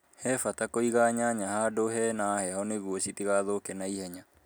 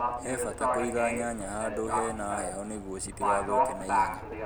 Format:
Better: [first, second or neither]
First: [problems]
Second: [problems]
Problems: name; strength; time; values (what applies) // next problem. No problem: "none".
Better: first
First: none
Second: background sound (Livestock, farm animals, working animals); 3 dB above the speech